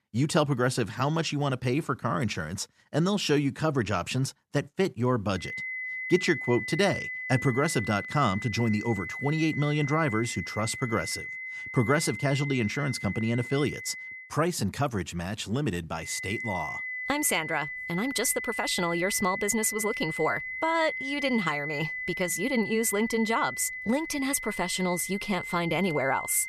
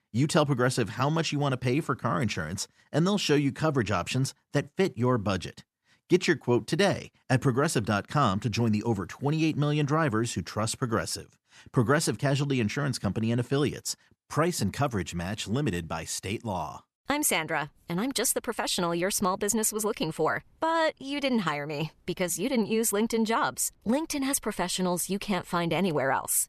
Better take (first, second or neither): second